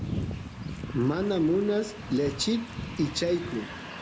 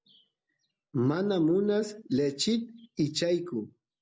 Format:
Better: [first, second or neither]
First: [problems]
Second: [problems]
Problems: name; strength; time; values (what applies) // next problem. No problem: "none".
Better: second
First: background sound (Train); 8 dB below the speech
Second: none